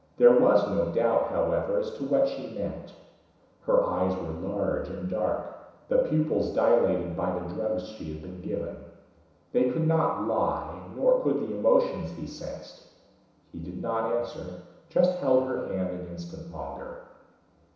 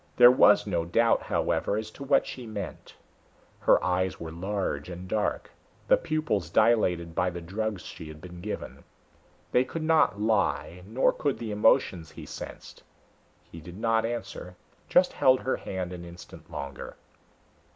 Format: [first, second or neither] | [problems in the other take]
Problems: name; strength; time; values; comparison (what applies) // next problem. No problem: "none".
second | room echo; dies away in 1 s